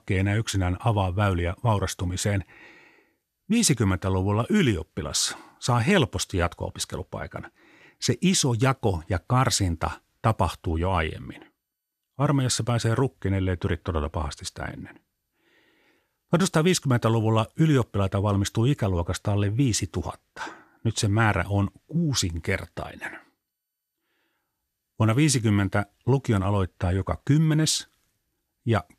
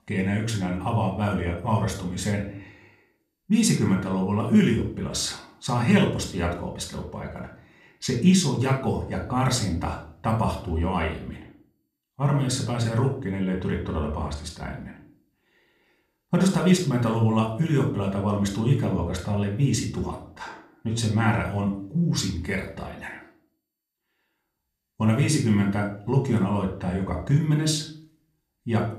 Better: first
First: none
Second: off-mic speech; somewhat distant // room echo; slight; dies away in 0.4 s

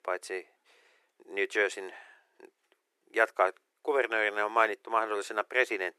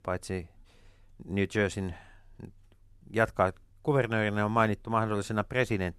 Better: second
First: thin; very; fading below 350 Hz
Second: none

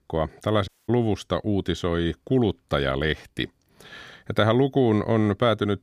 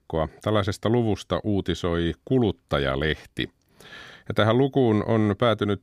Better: second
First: audio cutting out; at 0.5 s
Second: none

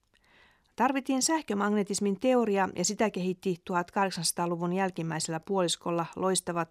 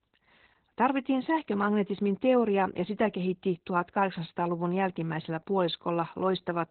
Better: first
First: none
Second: garbled, watery; badly; nothing above 4 kHz

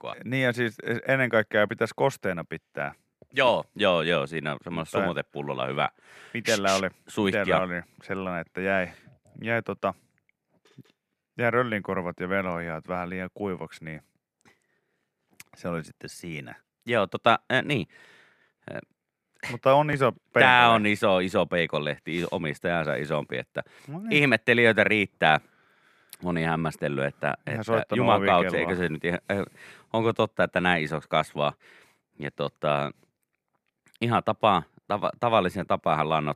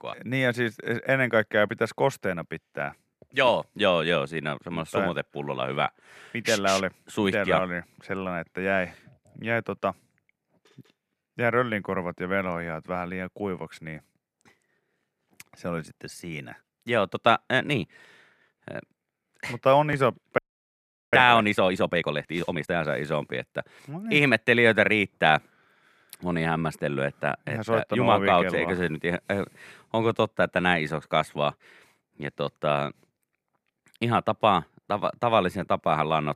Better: first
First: none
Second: audio freezing; at 20 s for 1 s

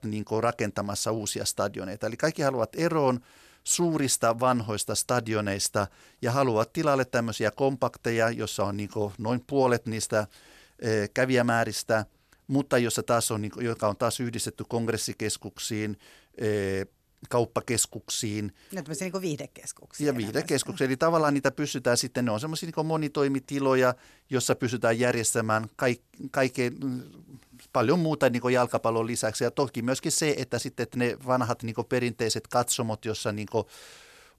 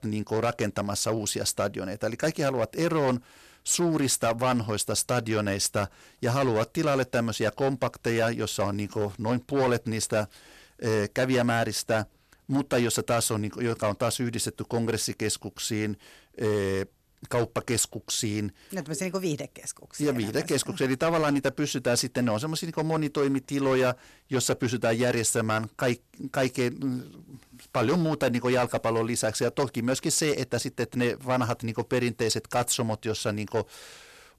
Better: first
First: none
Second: distortion; slight; 7% of the sound clipped

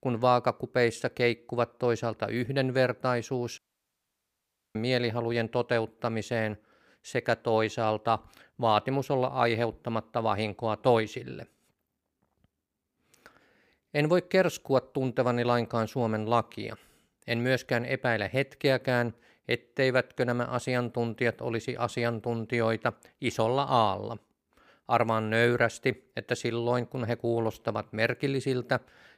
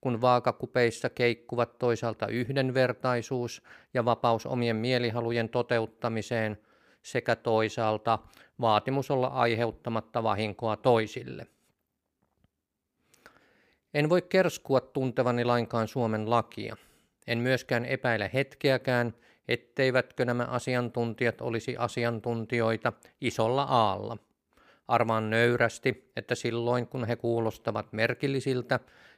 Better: second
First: audio cutting out; at 3.5 s for 1 s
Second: none

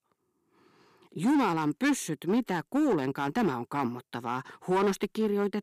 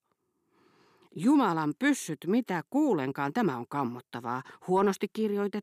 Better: second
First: distortion; slight; 8% of the sound clipped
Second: none

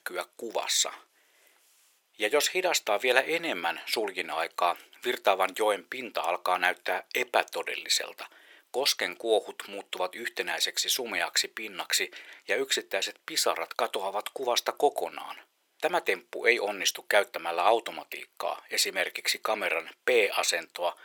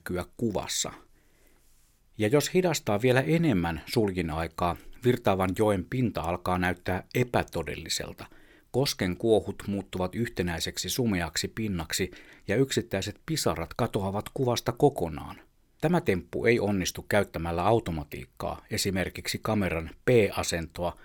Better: second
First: thin; very; fading below 550 Hz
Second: none

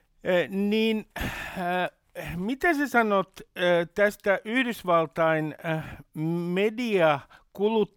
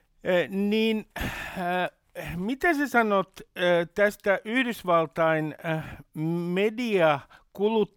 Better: neither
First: none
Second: none

